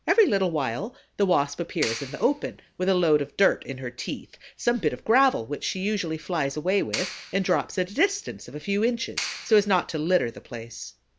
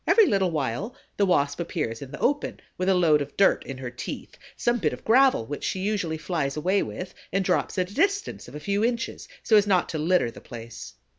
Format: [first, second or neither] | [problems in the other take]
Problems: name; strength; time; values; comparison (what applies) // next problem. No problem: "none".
second | background sound (Clapping); 13 dB below the speech